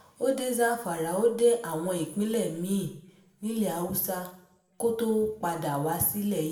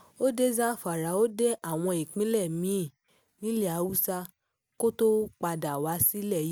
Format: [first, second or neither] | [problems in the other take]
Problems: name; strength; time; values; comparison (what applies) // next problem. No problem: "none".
second | room echo; dies away in 0.6 s